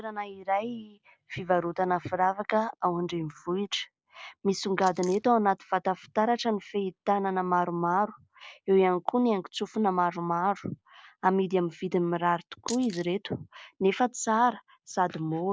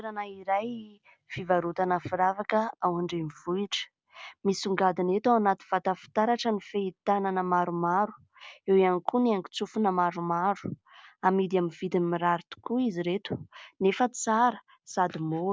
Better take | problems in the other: second | noise reduction (neural mask model Resemble Enhance denoiser)

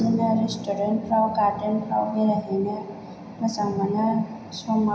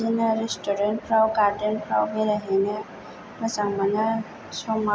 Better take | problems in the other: second | background sound (Drum); 14 dB below the speech // room echo; dies away in 0.9 s

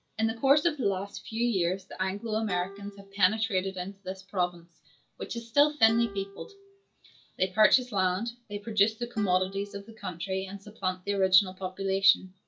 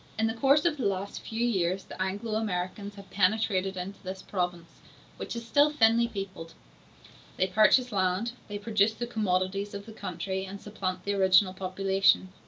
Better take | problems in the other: second | noise reduction (classical method log-MMSE)

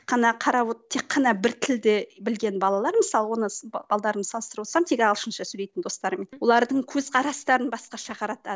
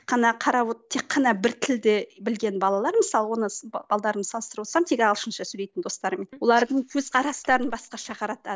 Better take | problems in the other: first | noise reduction (neural mask model Resemble Enhance denoiser)

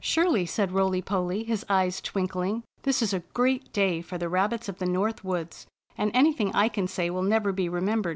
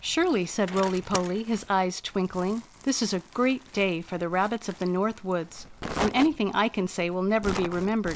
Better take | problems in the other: first | background sound (Crumpling, crinkling + Bicycle); 13 dB below the speech

